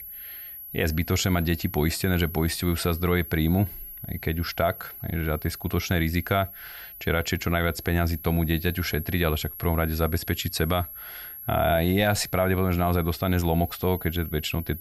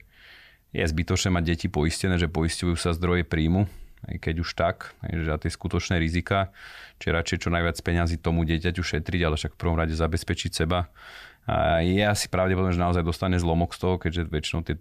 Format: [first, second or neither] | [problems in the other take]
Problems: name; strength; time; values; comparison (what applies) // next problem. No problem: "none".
second | high-pitched whine; noticeable; throughout; 11.5 kHz, 10 dB below the speech